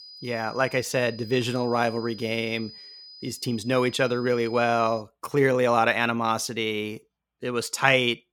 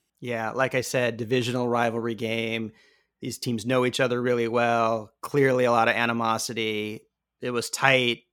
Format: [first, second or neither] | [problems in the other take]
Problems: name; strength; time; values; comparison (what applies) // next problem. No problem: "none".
second | high-pitched whine; noticeable; until 5 s; 5 kHz, 20 dB below the speech